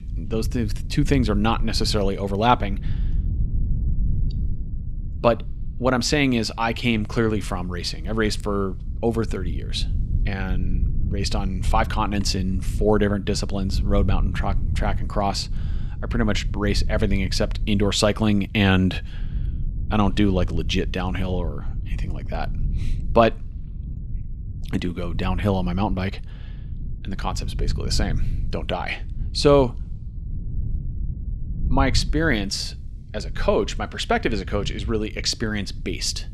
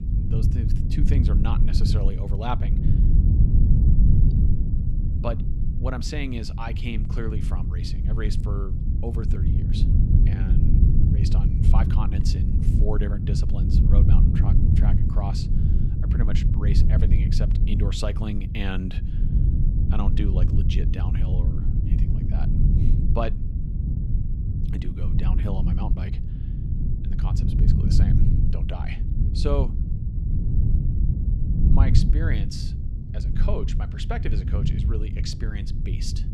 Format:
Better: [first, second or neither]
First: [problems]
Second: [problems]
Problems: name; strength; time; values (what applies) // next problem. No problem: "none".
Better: first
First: low rumble; faint; throughout; 20 dB below the speech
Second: low rumble; loud; throughout; 1 dB below the speech